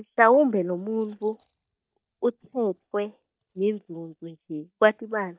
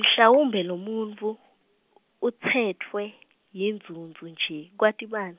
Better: second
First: noise reduction (neural mask model DeepFilterNet 3)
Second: none

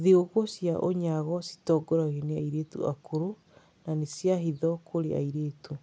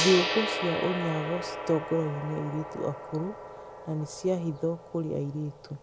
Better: first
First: none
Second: background sound (Gong); 5 dB below the speech

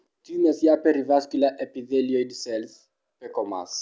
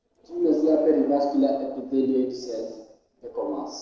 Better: first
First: none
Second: noise reduction (neural separator model SepFormer DNS4)

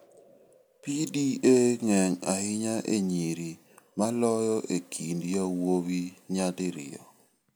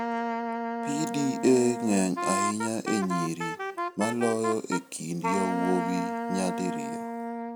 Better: first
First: none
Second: background sound (Wind instrument, woodwind instrument); 3 dB below the speech

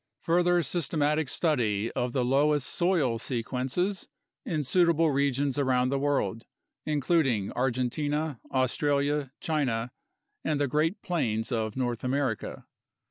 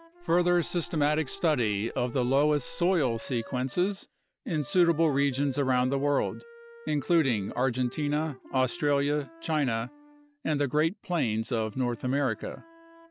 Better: first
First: none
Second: background sound (Wind instrument, woodwind instrument + Gong); 20 dB below the speech

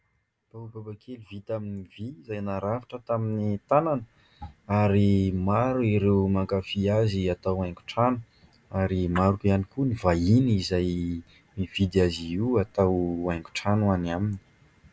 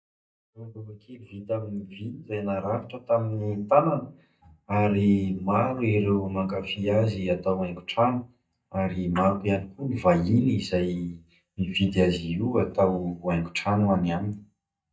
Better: first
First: none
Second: noise reduction (neural mask model DeepFilterNet 3)

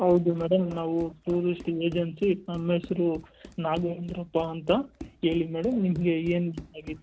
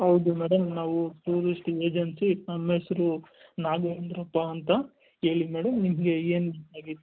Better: second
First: background sound (Run); 19 dB below the speech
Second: none

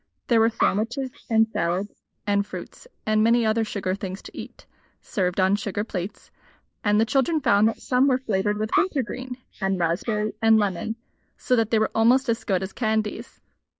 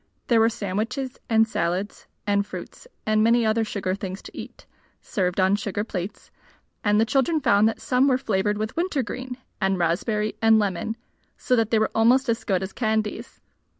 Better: second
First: noise reduction (neural mask model Resemble Enhance denoiser)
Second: none

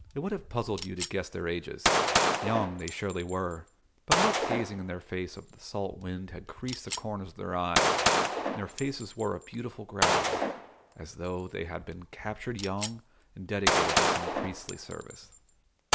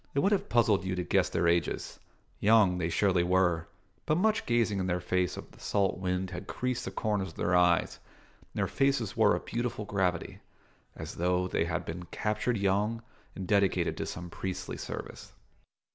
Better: second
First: background sound (Gunshot, gunfire); 3 dB above the speech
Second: none

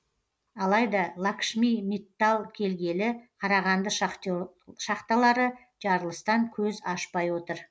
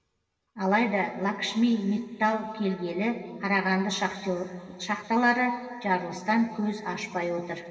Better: first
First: none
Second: room echo; dies away in 2.7 s

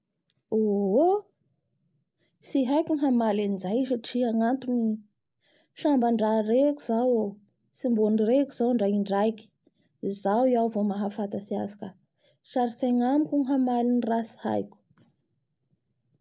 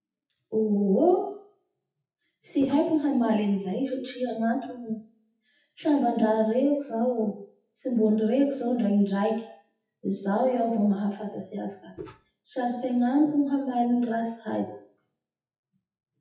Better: first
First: none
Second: noise reduction (classical method WPE with log-MMSE)

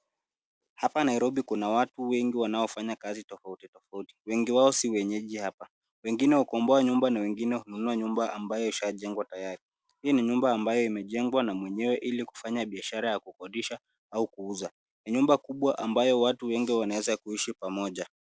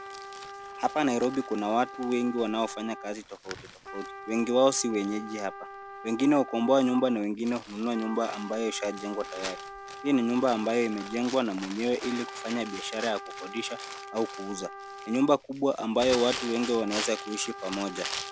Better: first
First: none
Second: background sound (Crumpling, crinkling + Trumpet); 11 dB below the speech

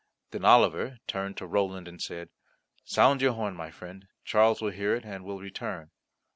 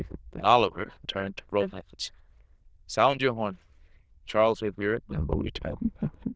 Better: first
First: none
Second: noise reduction (neural diffusion model UNIVERSE++)

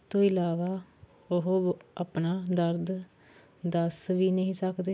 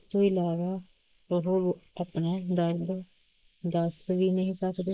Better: first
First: none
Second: noise reduction (neural mask model Resemble Enhance denoiser)

